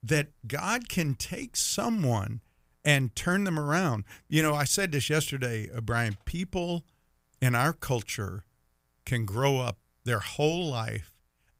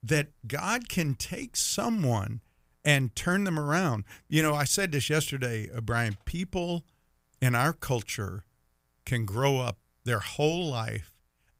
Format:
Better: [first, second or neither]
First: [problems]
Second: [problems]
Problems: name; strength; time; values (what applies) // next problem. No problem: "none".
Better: neither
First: none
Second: none